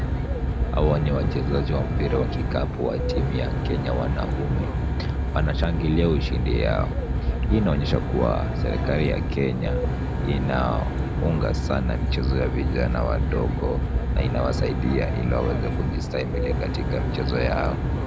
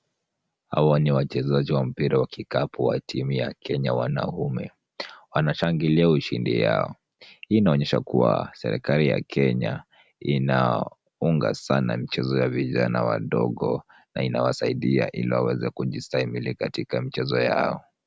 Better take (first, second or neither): second